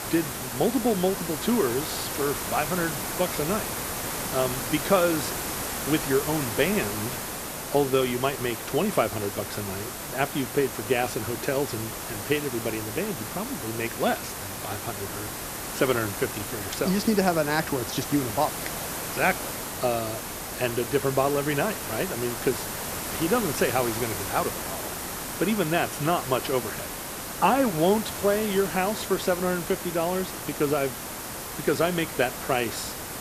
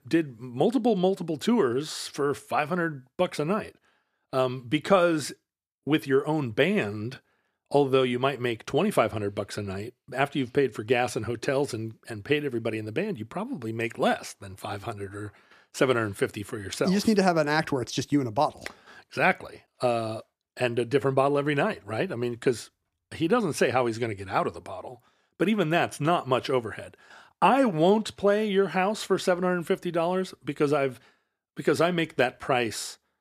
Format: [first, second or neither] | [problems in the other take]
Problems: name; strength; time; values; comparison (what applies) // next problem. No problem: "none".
second | hiss; loud; throughout; 5 dB below the speech